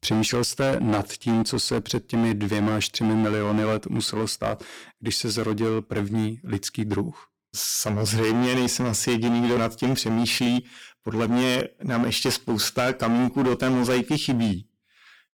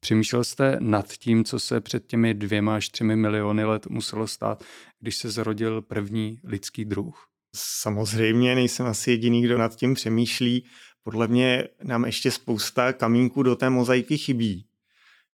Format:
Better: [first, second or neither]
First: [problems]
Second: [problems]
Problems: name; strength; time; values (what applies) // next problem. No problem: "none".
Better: second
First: distortion; heavy; 16% of the sound clipped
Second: none